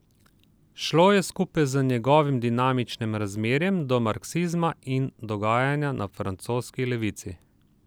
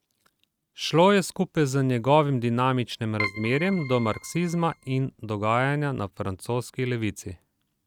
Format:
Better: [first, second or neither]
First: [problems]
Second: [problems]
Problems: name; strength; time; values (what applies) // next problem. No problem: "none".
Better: first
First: none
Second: noise reduction (neural mask model RNNoise)